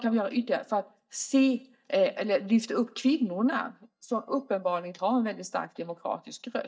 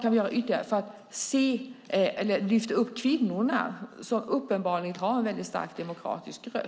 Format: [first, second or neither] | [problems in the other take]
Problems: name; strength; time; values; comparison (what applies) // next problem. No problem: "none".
second | noise reduction (neural mask model DeepFilterNet 3)